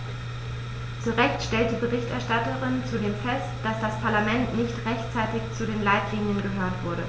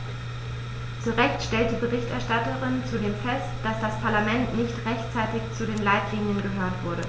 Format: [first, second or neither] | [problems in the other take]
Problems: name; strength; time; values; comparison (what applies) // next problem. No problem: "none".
first | background sound (Fire); 17 dB below the speech